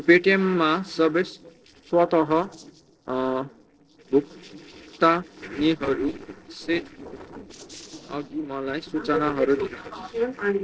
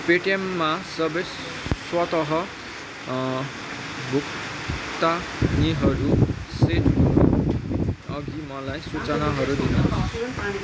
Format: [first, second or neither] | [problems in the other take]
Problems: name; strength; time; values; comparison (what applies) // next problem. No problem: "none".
second | noise reduction (neural separator model SepFormer DNS4)